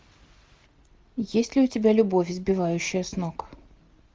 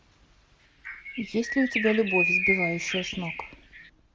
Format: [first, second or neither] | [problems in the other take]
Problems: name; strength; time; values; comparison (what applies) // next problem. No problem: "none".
first | background sound (Bird); as loud as the speech